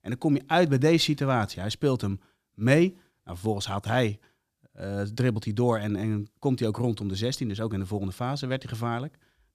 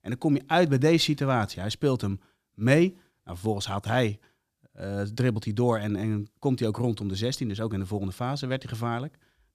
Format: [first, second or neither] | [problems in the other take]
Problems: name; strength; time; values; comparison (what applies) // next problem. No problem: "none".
neither | none